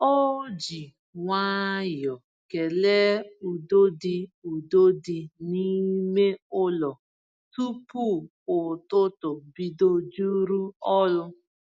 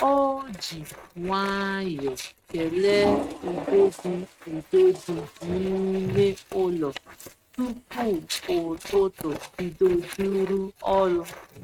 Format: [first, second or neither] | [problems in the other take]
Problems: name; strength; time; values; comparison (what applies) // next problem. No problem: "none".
first | noise reduction (neural mask model RNNoise)